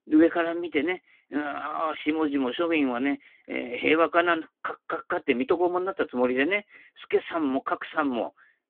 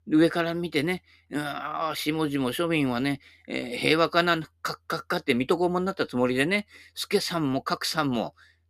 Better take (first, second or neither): second